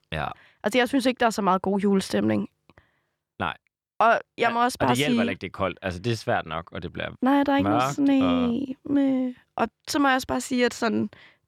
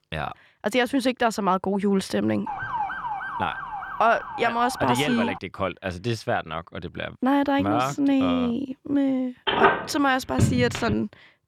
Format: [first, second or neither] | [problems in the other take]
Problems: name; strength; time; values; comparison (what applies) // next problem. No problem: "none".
first | siren; noticeable; from 2.5 to 5.5 s; peak 4 dB below the speech // phone ringing; loud; from 9.5 to 11 s; peak 5 dB above the speech